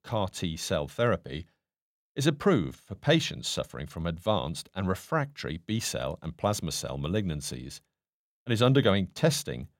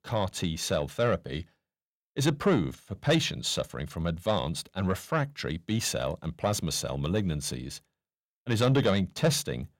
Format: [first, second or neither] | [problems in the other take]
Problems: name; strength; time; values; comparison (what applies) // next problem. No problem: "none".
first | distortion; slight; 10 dB below the speech